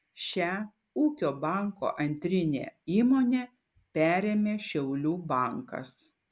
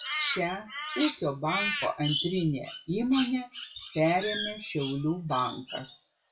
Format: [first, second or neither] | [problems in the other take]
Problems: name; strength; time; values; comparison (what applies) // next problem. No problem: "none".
first | noise reduction (classical method WPE with log-MMSE)